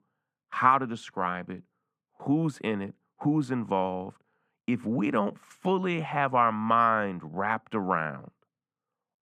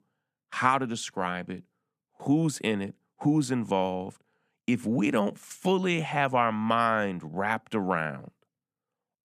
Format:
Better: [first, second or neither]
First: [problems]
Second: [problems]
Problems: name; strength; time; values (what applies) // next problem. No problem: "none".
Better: second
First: muffled; slightly; fading above 3.5 kHz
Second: none